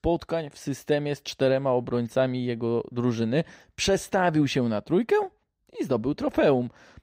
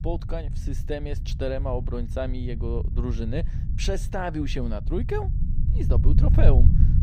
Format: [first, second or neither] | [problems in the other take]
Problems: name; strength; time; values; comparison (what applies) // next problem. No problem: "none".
first | low rumble; loud; throughout; 9 dB below the speech